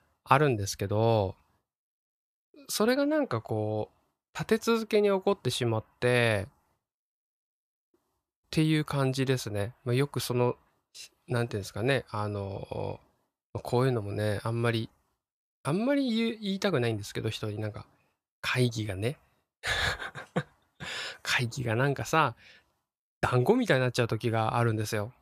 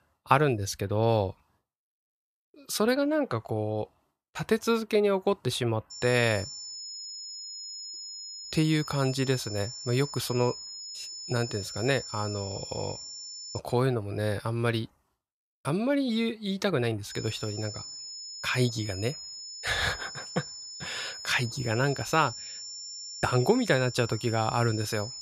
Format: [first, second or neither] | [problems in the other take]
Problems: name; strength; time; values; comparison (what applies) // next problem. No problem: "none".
first | high-pitched whine; loud; from 6 to 14 s and from 17 s on; 5 kHz, 10 dB below the speech